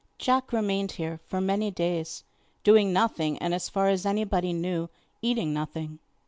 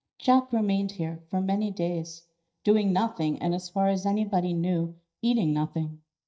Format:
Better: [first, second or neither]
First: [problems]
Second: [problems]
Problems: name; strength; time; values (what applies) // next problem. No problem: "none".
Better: first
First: none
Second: noise reduction (neural mask model DeepFilterNet 3)